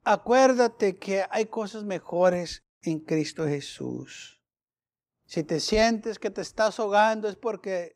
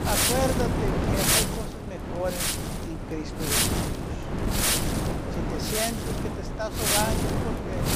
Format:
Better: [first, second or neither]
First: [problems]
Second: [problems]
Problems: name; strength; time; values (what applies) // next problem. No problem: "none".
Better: first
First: none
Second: wind noise on the microphone; heavy; 5 dB above the speech